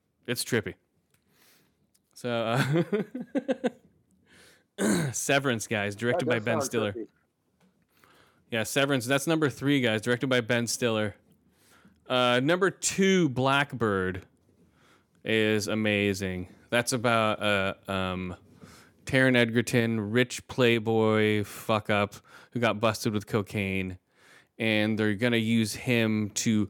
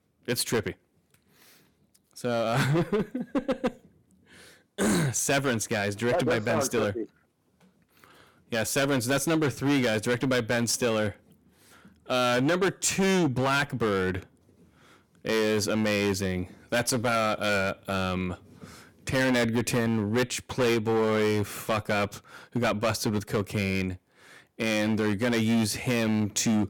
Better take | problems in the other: first | distortion; heavy; 10% of the sound clipped

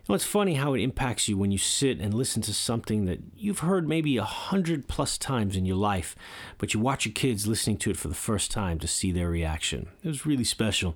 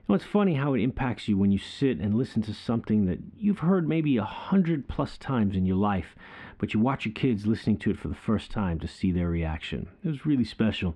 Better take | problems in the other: first | muffled; very; fading above 2 kHz

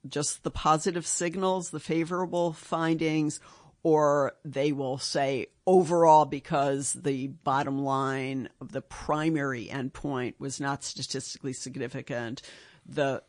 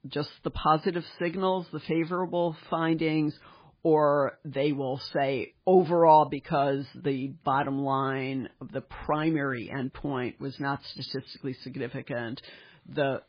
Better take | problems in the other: first | garbled, watery; badly; nothing above 5 kHz; slightly in the first

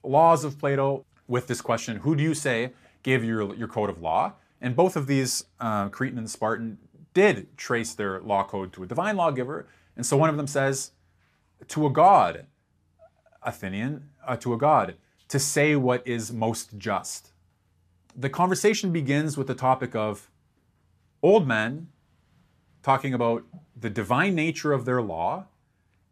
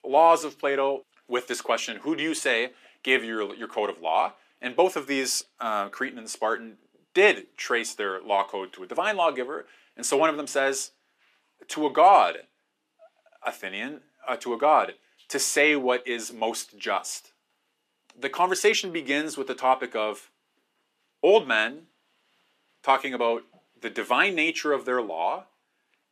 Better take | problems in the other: first | thin; somewhat; fading below 300 Hz

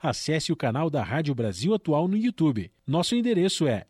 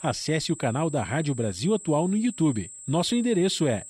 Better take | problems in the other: first | high-pitched whine; noticeable; throughout; 7.5 kHz, 15 dB below the speech

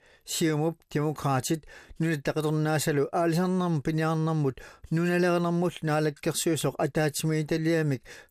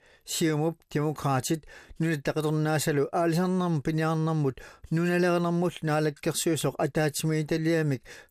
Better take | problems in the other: neither | none

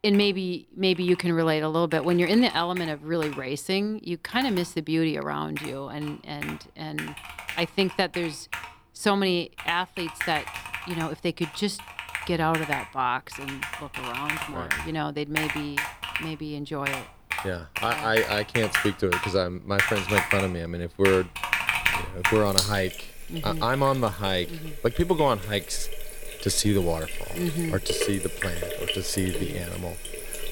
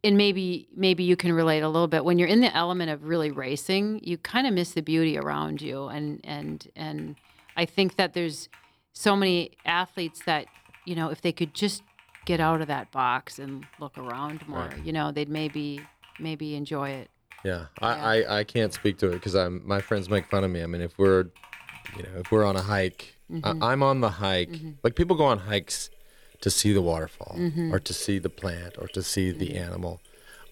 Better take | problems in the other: second | household noises; loud; throughout; 4 dB below the speech; faint in the second

